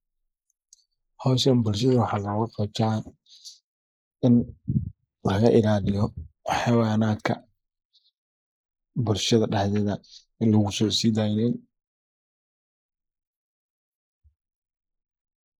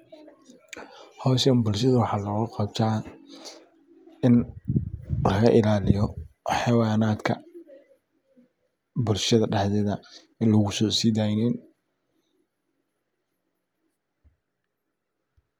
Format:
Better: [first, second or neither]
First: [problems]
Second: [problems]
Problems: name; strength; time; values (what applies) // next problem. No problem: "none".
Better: second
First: noise reduction (neural mask model Resemble Enhance denoiser)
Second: none